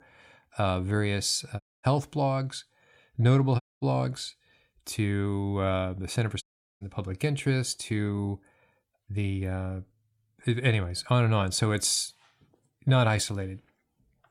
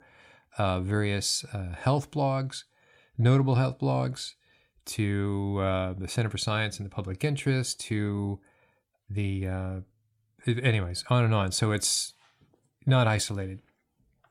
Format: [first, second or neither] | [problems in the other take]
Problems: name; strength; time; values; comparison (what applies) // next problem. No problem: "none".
second | audio cutting out; at 1.5 s, at 3.5 s and at 6.5 s